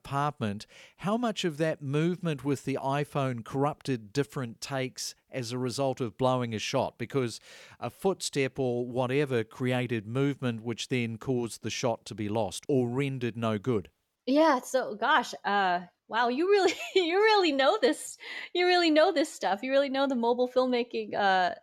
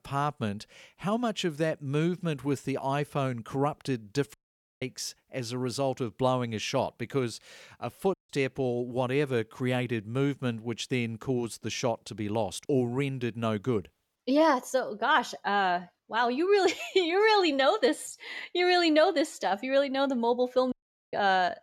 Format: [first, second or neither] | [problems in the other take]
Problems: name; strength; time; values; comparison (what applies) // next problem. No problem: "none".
first | audio cutting out; at 4.5 s, at 8 s and at 21 s